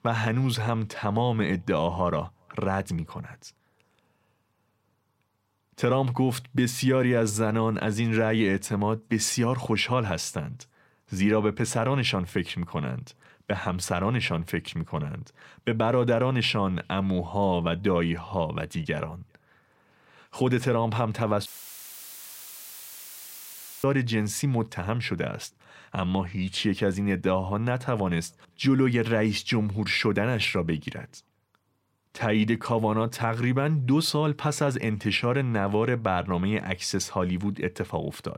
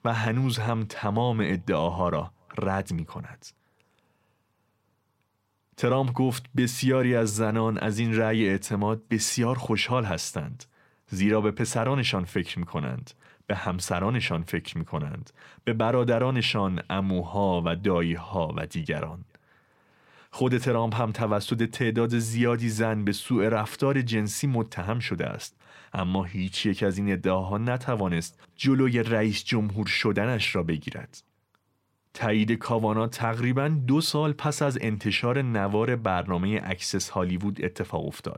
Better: second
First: audio cutting out; filled with static; at 21 s for 2.5 s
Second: none

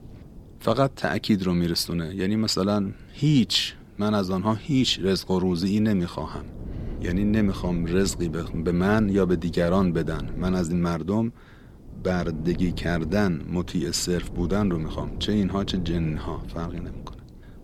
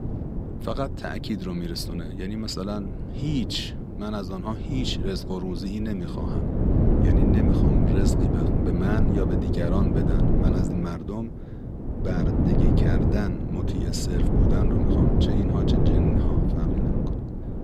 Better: first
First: wind noise on the microphone; occasional gusts; 20 dB below the speech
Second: wind noise on the microphone; heavy; 3 dB above the speech

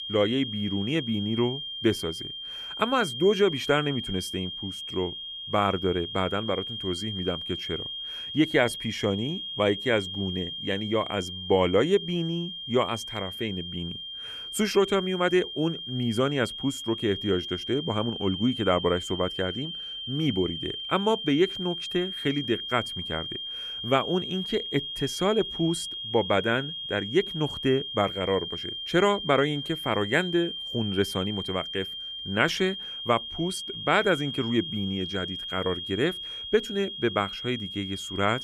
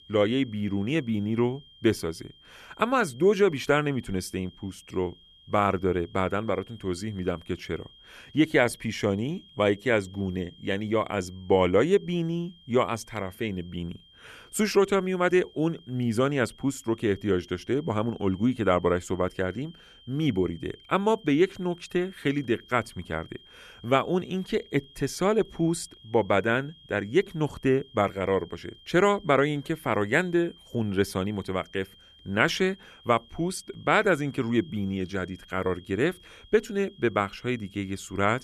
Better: second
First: high-pitched whine; loud; throughout; 3 kHz, 6 dB below the speech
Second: high-pitched whine; faint; throughout; 3 kHz, 25 dB below the speech

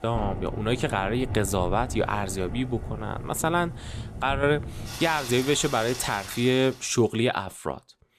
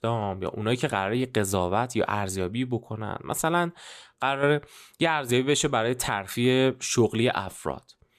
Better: second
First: rain or running water; noticeable; until 6.5 s; 10 dB below the speech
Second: none

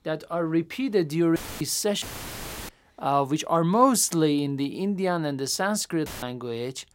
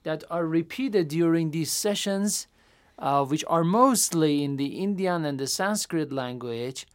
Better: second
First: audio cutting out; filled with static; at 1.5 s, at 2 s for 0.5 s and at 6 s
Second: none

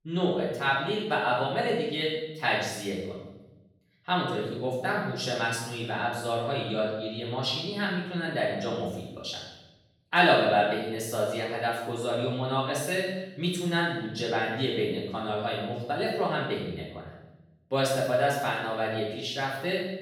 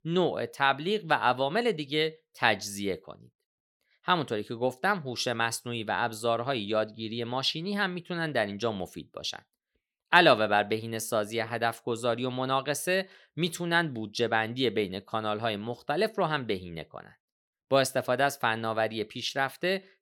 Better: second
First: off-mic speech; far // room echo; noticeable; dies away in 0.9 s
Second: none

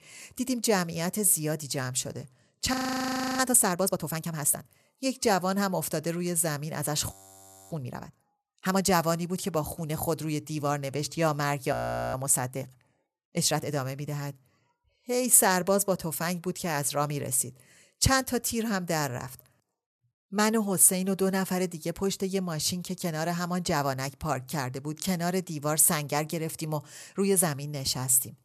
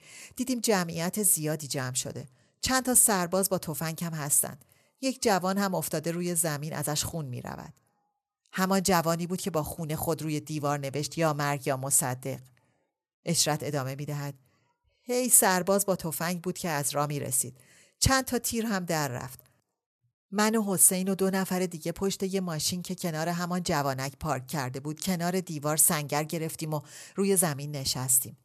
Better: second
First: audio freezing; at 2.5 s for 0.5 s, at 7 s for 0.5 s and at 12 s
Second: none

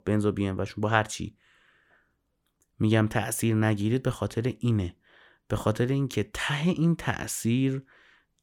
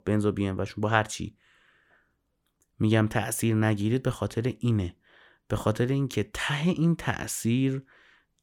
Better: neither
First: none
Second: none

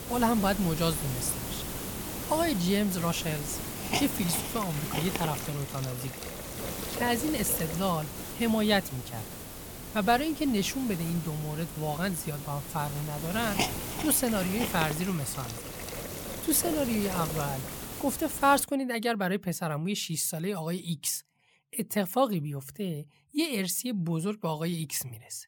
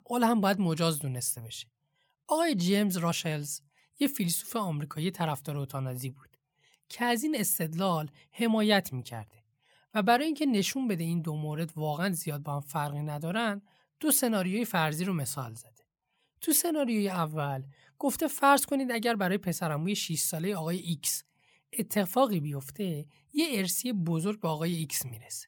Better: second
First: hiss; loud; until 19 s; 6 dB below the speech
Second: none

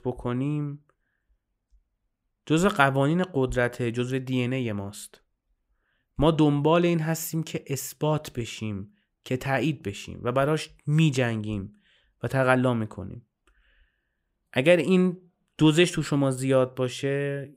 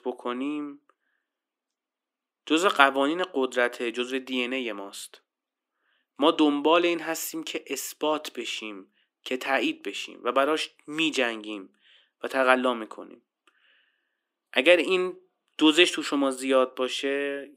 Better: first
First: none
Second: thin; somewhat; fading below 250 Hz

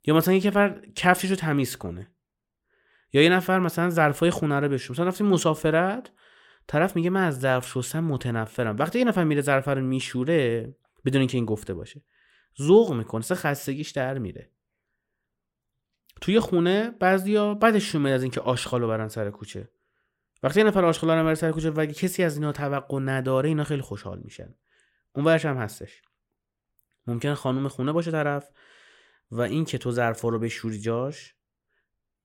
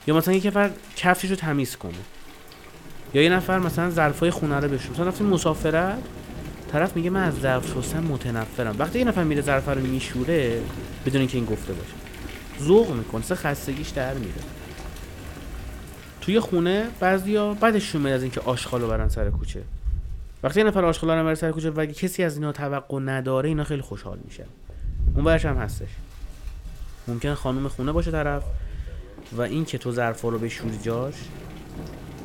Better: first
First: none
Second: rain or running water; noticeable; throughout; 10 dB below the speech

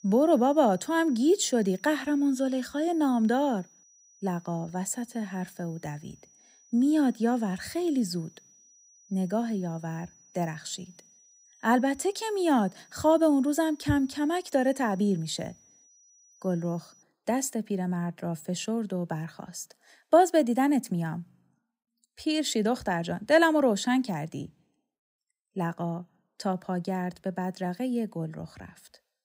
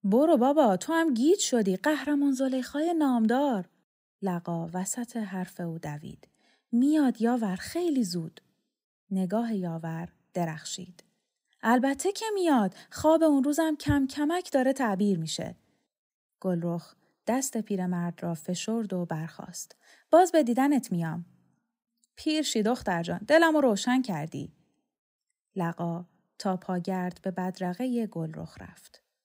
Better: second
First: high-pitched whine; faint; until 17 s; 6 kHz, 30 dB below the speech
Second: none

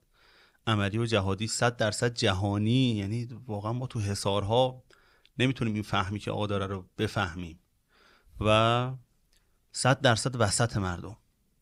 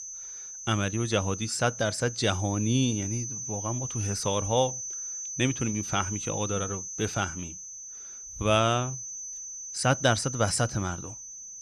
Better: first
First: none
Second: high-pitched whine; loud; throughout; 6 kHz, 7 dB below the speech

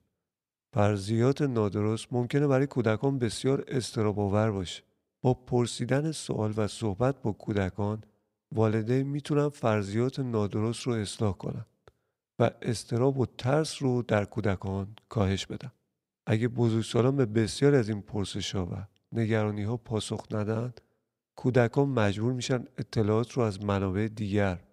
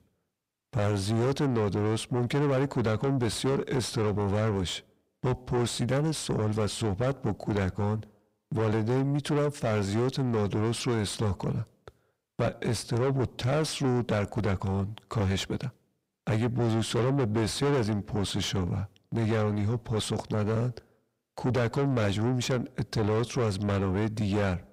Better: first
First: none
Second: distortion; heavy; 5 dB below the speech

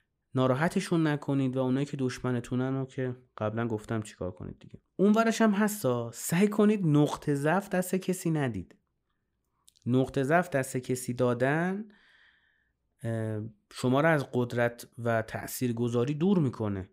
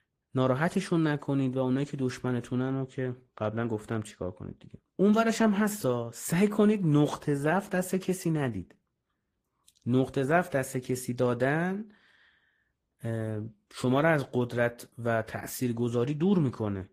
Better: first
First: none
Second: garbled, watery; slightly; nothing above 15.5 kHz

